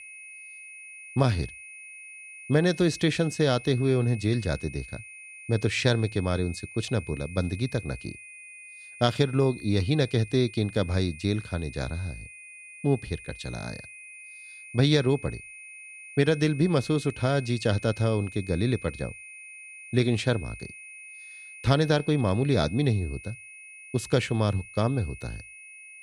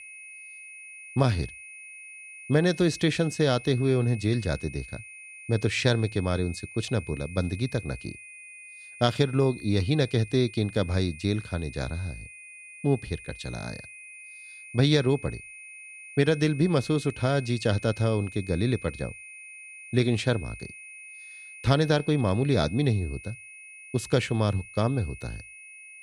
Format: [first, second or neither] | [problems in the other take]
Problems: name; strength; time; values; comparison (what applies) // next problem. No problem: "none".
neither | high-pitched whine; noticeable; throughout; 2.5 kHz, 15 dB below the speech; the same in both